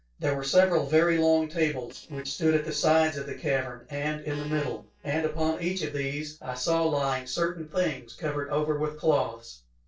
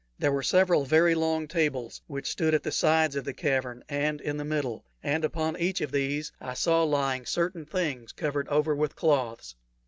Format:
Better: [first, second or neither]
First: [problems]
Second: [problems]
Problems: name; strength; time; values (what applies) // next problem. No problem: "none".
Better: second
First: noise reduction (neural separator model SepFormer DNS4)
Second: none